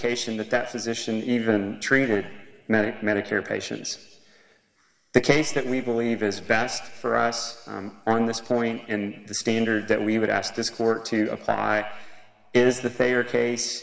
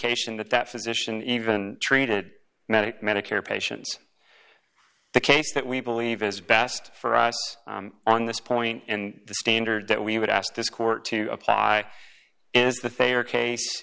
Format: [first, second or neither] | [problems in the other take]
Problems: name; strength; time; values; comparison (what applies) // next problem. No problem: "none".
second | room echo; dies away in 1.4 s